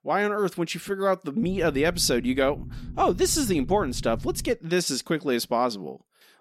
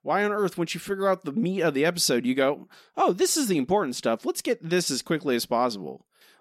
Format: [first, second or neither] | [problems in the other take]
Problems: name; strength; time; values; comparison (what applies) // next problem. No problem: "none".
second | low rumble; faint; from 1.5 to 4.5 s; 25 dB below the speech